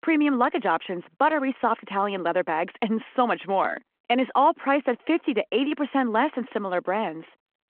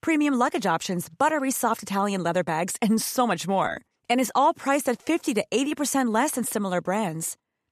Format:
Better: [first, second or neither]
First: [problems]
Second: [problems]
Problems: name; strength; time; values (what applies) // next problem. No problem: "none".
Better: second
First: phone-call audio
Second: none